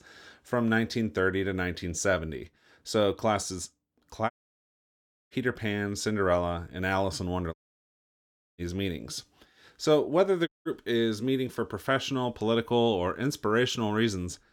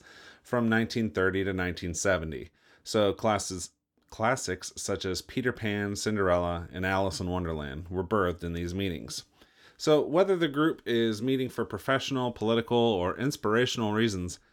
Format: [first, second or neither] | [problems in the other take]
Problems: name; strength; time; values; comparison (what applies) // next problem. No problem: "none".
second | audio cutting out; at 4.5 s for 1 s, at 7.5 s for 1 s and at 10 s